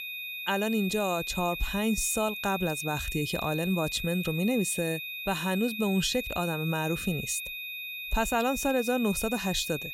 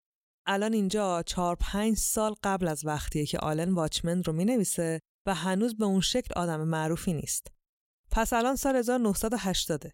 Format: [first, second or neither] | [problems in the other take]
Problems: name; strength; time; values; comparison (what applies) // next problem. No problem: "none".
second | high-pitched whine; loud; throughout; 2.5 kHz, 5 dB below the speech